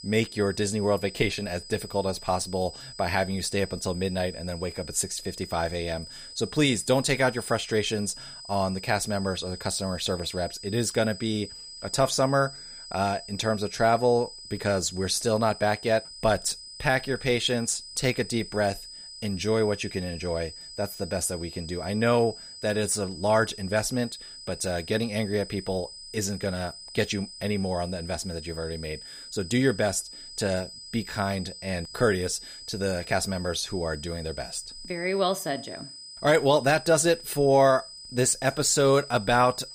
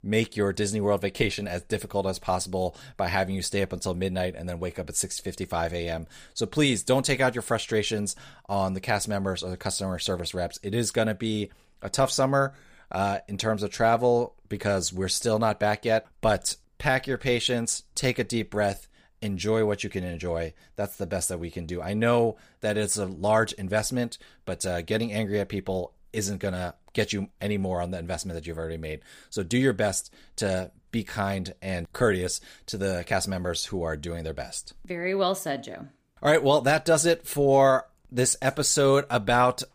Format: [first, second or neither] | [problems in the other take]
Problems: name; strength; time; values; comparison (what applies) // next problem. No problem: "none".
second | high-pitched whine; noticeable; throughout; 5 kHz, 15 dB below the speech